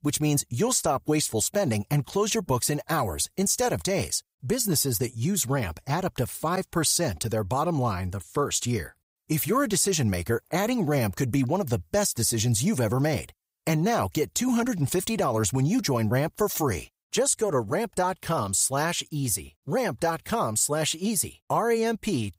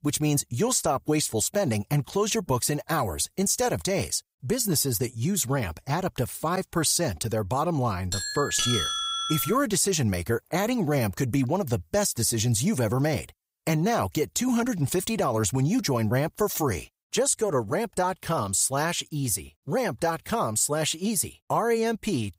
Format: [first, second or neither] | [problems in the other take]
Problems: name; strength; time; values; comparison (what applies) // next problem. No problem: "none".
first | doorbell; loud; from 8 to 9.5 s; peak 1 dB above the speech